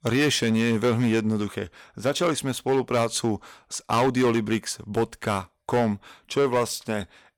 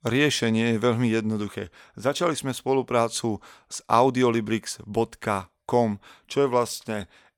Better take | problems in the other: second | distortion; slight; 7% of the sound clipped

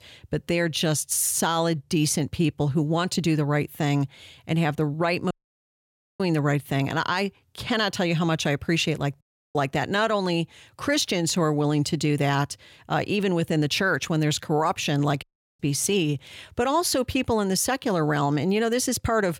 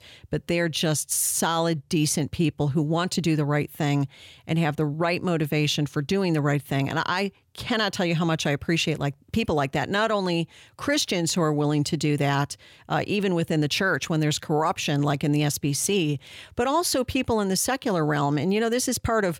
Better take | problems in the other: second | audio cutting out; at 5.5 s for 1 s, at 9 s and at 15 s

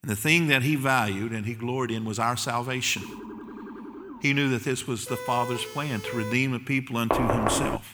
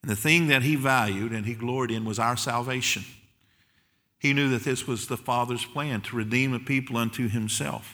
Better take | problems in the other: second | siren; faint; from 3 to 4 s; peak 15 dB below the speech // siren; noticeable; from 5 to 6.5 s; peak 9 dB below the speech // door banging; loud; at 7 s; peak level with the speech

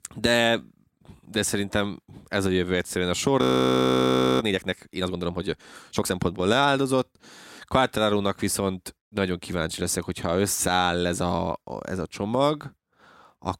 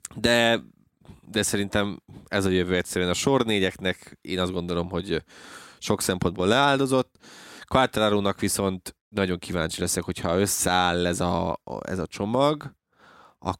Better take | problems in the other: second | audio freezing; at 3.5 s for 1 s

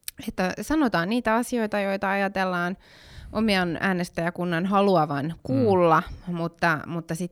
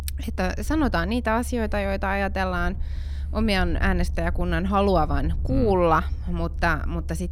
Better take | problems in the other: first | low rumble; faint; throughout; 25 dB below the speech

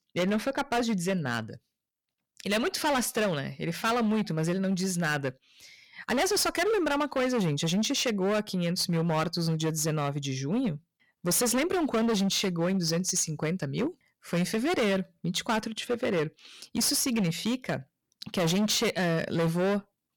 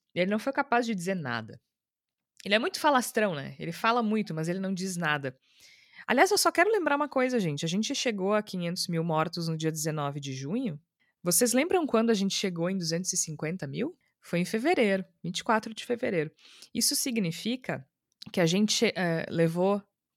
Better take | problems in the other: second | distortion; heavy; 16% of the sound clipped

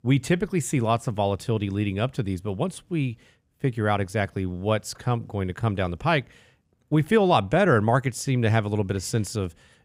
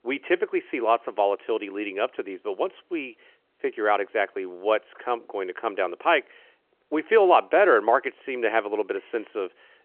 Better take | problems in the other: first | phone-call audio

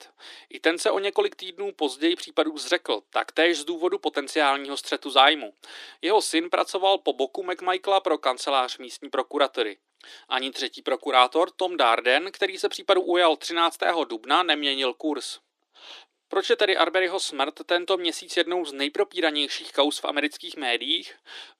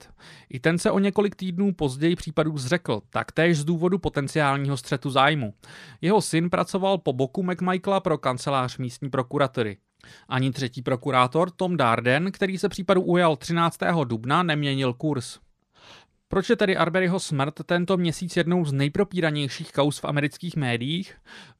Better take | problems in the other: second | thin; somewhat; fading below 300 Hz

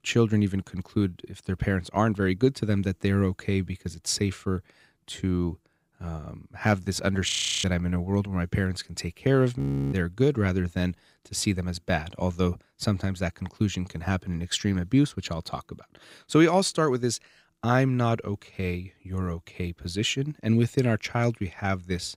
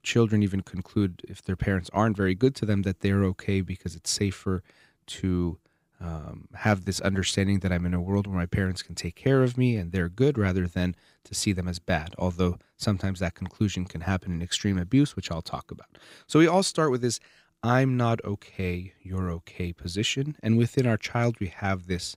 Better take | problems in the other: second | audio freezing; at 7.5 s and at 9.5 s

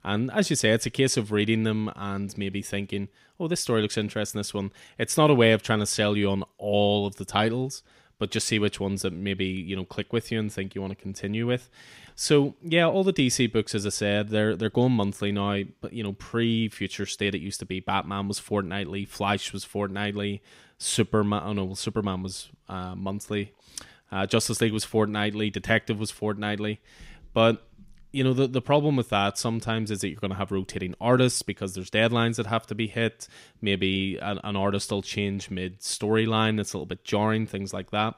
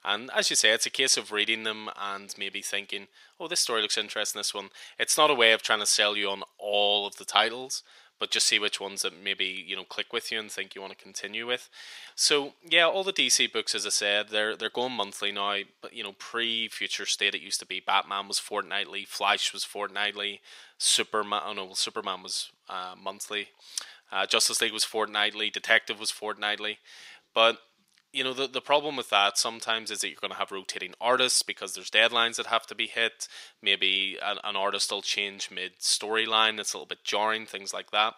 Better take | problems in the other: first | thin; very; fading below 700 Hz

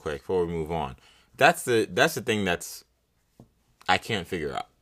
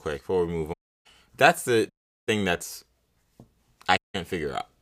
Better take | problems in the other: first | audio cutting out; at 0.5 s, at 2 s and at 4 s

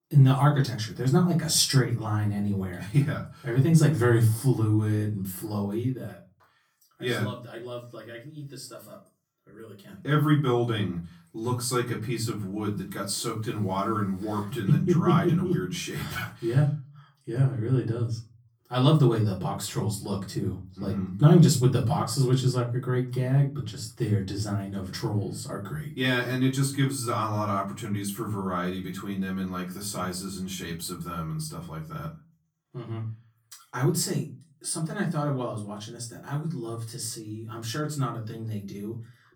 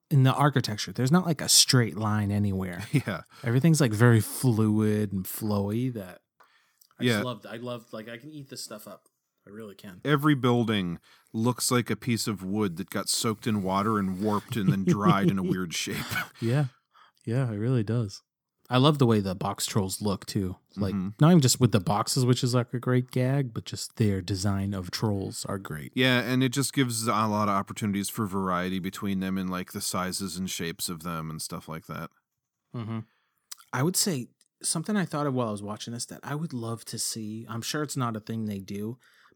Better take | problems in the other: second | off-mic speech; far // room echo; very slight; dies away in 0.3 s

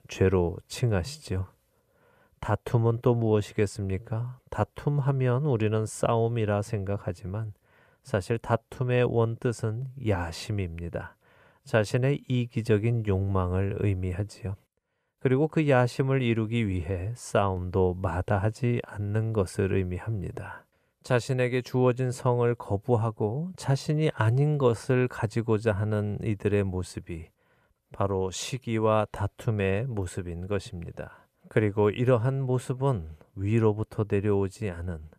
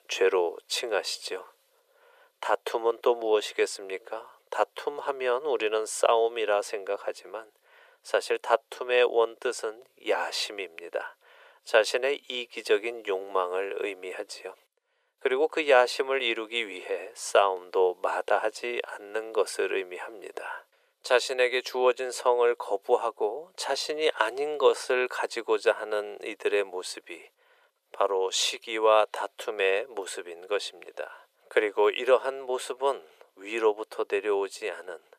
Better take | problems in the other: first | thin; very; fading below 400 Hz

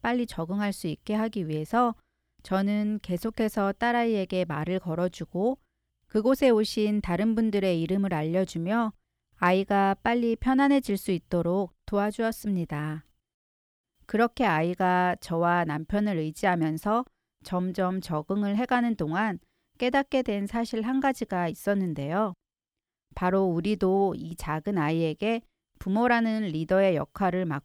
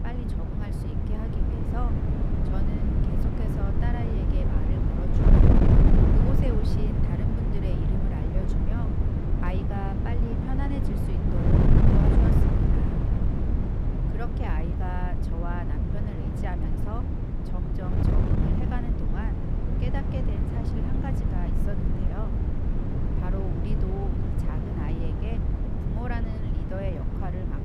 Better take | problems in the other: first | wind noise on the microphone; heavy; 4 dB above the speech

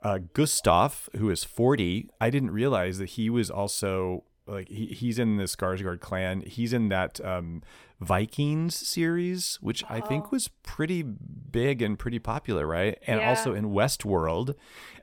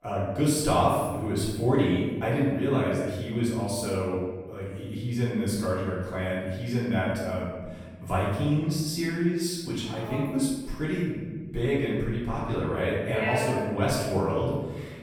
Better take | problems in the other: first | room echo; noticeable; dies away in 1.2 s // off-mic speech; far

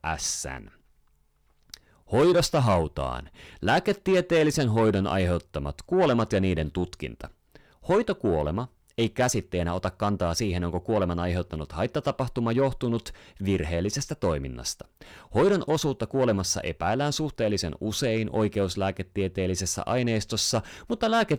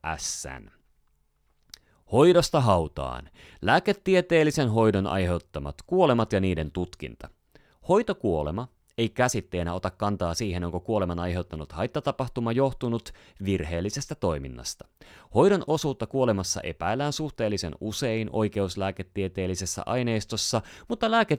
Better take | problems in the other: second | distortion; slight; 10 dB below the speech

